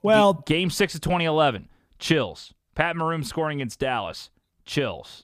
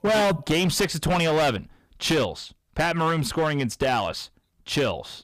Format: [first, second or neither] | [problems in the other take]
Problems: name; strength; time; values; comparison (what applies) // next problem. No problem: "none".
first | distortion; heavy; 14% of the sound clipped